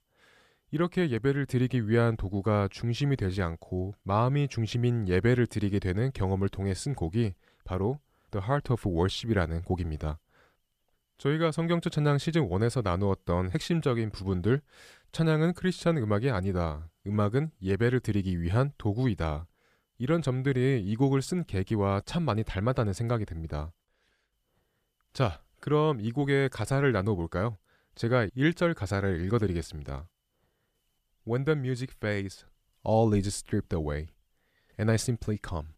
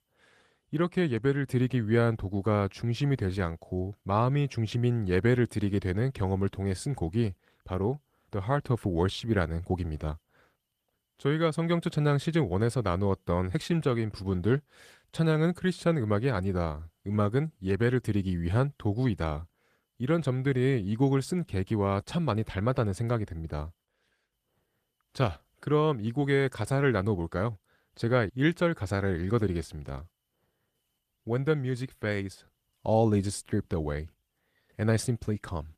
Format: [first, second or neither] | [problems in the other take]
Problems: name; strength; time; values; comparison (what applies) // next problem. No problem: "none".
first | garbled, watery; slightly; nothing above 14.5 kHz